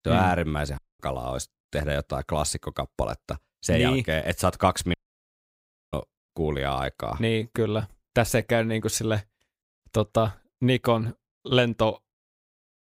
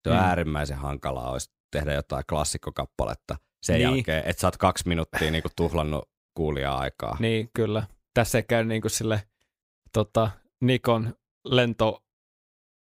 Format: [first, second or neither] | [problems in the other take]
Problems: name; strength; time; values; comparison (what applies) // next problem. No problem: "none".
second | audio cutting out; at 1 s and at 5 s for 1 s